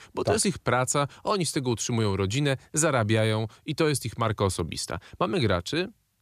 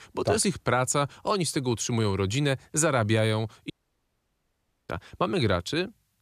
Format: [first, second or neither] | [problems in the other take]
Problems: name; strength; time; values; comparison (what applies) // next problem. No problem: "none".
first | audio cutting out; at 3.5 s for 1 s